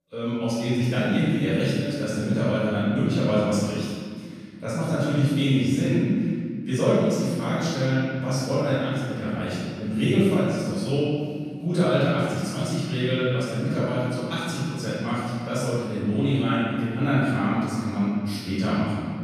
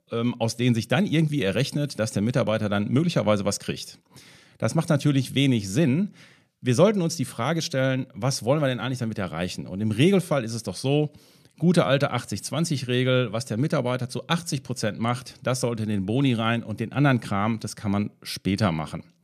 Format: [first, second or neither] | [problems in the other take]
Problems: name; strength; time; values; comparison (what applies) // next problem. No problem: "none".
second | room echo; strong; dies away in 1.9 s // off-mic speech; far